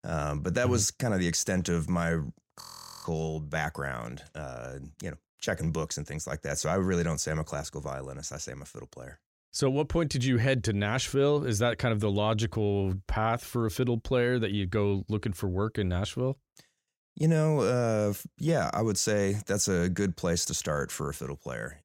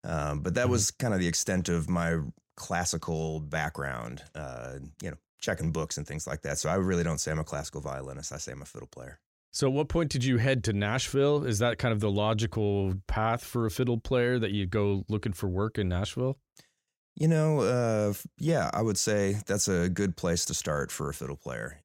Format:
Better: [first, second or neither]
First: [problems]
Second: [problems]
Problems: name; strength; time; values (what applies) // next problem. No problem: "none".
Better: second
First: audio freezing; at 2.5 s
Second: none